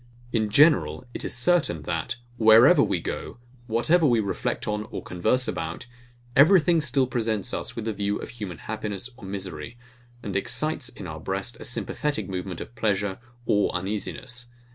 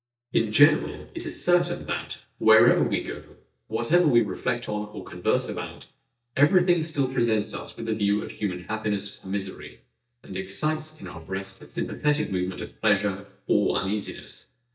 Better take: first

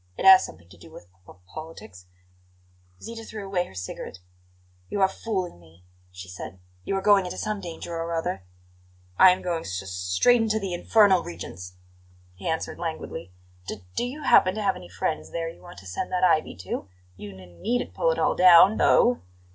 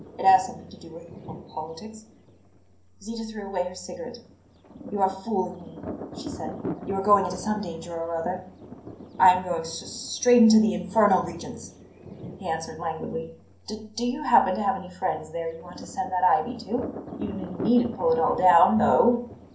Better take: first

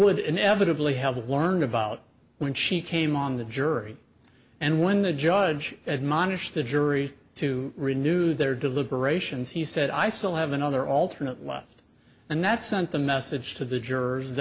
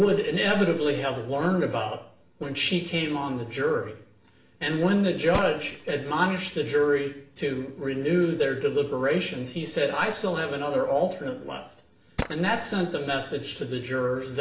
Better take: first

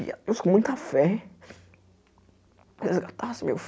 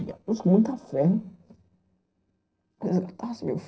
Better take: first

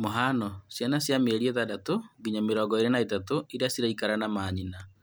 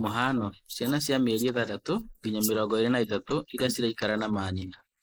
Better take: first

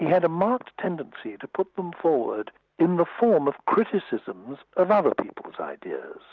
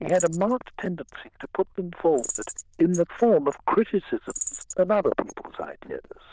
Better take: first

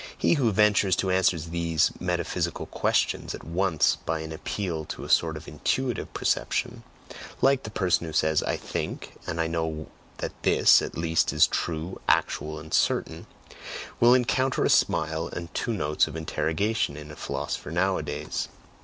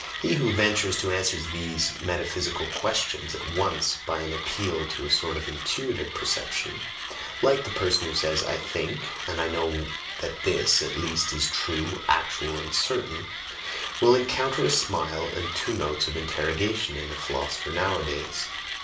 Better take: first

